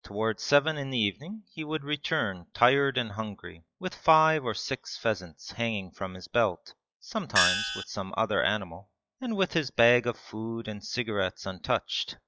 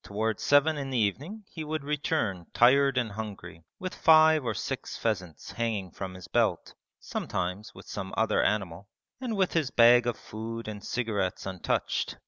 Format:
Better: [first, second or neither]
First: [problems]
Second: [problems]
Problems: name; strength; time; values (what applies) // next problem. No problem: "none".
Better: second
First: noise reduction (classical method log-MMSE)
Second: none